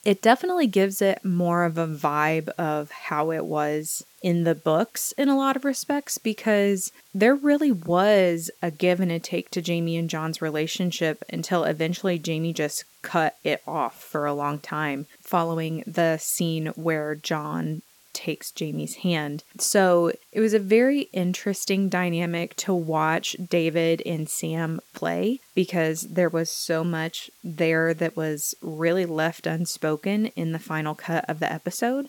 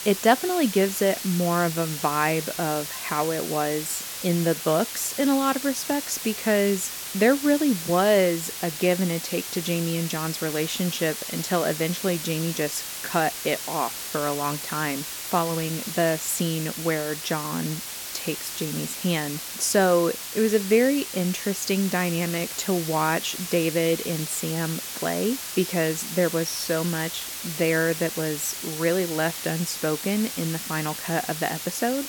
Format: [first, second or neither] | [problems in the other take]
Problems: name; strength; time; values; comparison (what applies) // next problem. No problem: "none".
first | hiss; loud; throughout; 6 dB below the speech; faint in the first